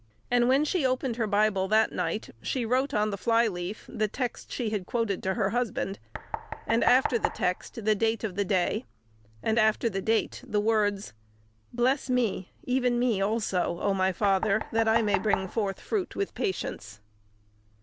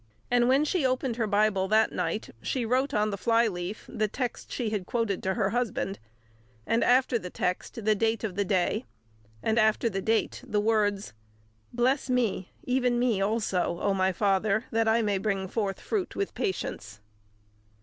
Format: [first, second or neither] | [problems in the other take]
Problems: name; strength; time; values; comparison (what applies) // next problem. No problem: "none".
second | background sound (Knock); 9 dB below the speech